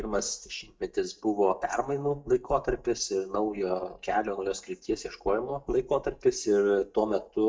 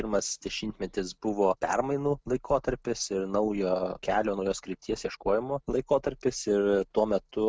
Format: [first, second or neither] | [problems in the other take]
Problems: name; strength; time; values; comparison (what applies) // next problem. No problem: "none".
second | noise reduction (neural mask model DeepFilterNet 3)